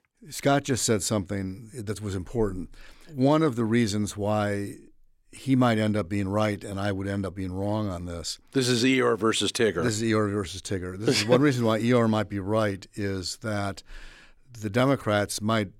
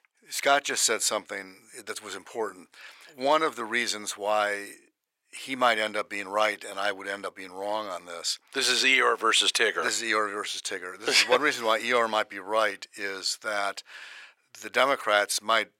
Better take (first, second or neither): first